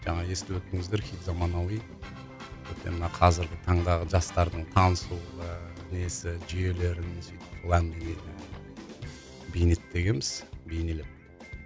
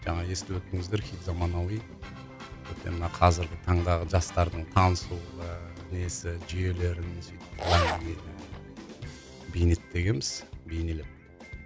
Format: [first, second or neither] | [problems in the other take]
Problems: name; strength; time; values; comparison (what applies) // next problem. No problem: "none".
first | background sound (Zipper (clothing)); 3 dB below the speech